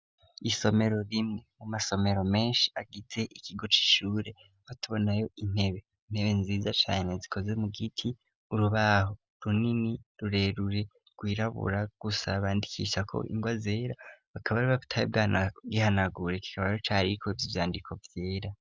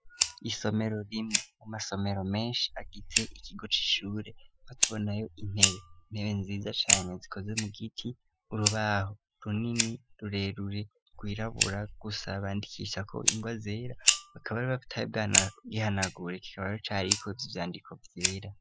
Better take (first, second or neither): first